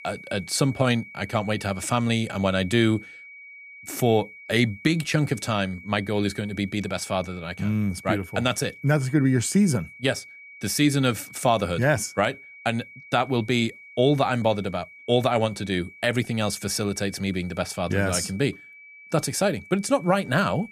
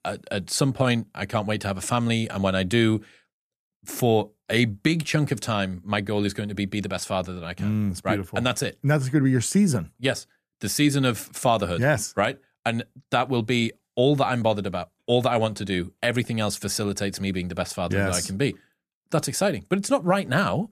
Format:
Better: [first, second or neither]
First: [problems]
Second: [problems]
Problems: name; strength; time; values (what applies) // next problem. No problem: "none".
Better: second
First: high-pitched whine; noticeable; throughout; 2.5 kHz, 20 dB below the speech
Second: none